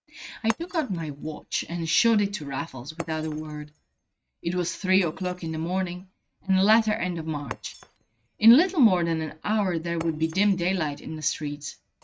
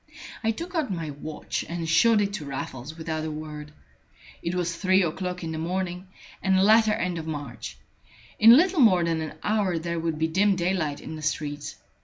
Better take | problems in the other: second | noise reduction (neural mask model RNNoise)

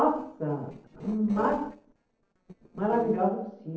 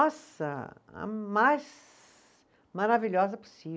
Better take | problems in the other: second | noise reduction (neural separator model SepFormer DNS4)

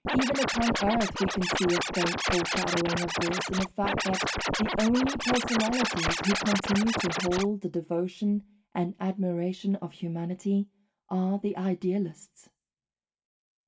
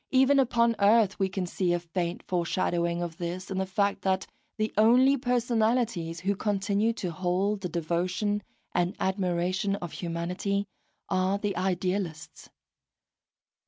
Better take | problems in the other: second | background sound (Scratching (performance technique)); 1 dB below the speech // room echo; dies away in 0.2 s

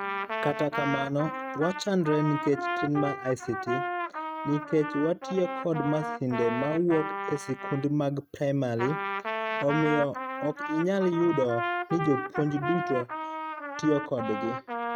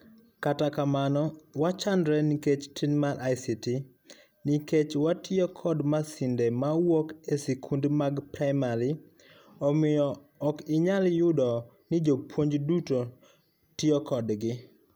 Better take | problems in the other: second | noise reduction (neural mask model RNNoise)

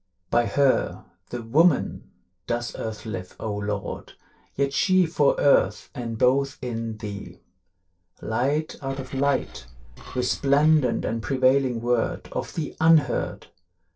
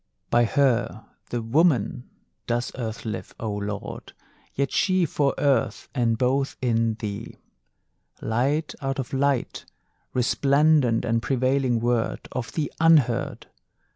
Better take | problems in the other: second | noise reduction (neural separator model SepFormer DNS4)

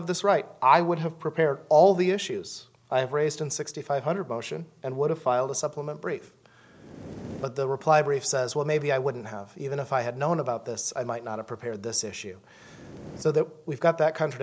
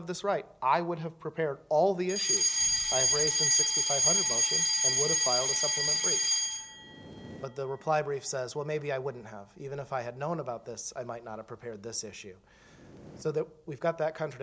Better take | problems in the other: first | background sound (Alarm); 2 dB above the speech

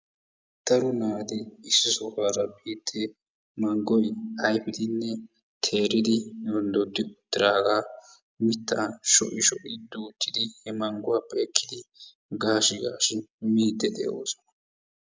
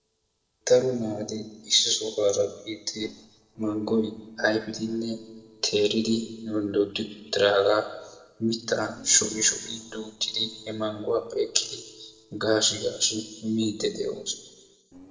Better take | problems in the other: first | noise reduction (neural separator model SepFormer DNS4)

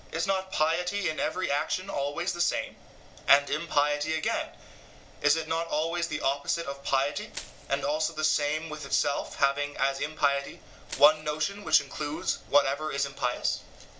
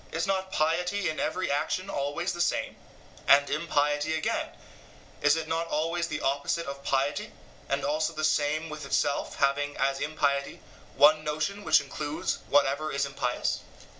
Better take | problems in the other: second | background sound (Crushing); 17 dB below the speech

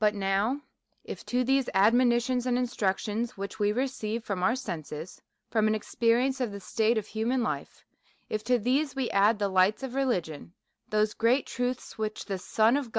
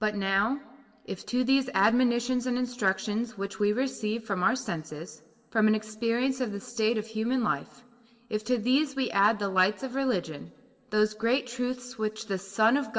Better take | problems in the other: first | room echo; dies away in 1.3 s

